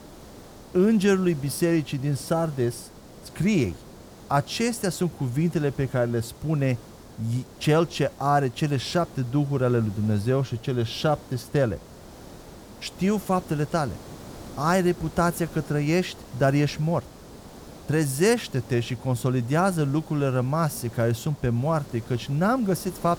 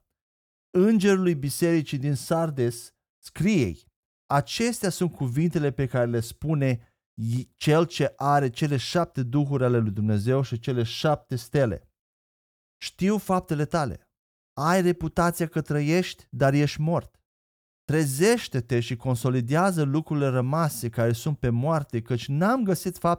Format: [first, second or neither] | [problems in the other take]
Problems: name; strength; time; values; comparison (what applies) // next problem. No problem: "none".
second | hiss; noticeable; throughout; 20 dB below the speech